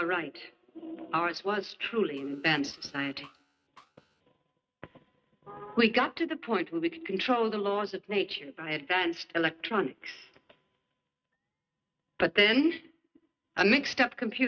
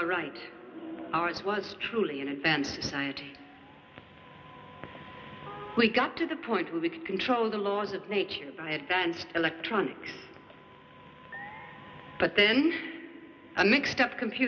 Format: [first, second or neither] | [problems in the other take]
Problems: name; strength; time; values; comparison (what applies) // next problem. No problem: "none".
second | noise reduction (neural mask model RNNoise)